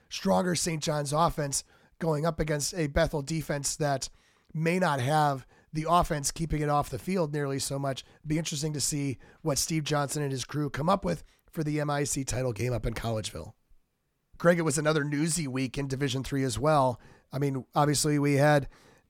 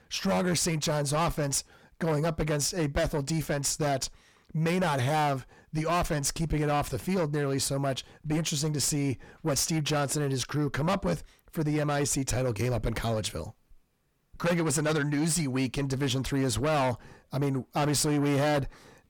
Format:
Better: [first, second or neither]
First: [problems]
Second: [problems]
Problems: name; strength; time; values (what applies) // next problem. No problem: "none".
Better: first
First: none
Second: distortion; heavy; 7 dB below the speech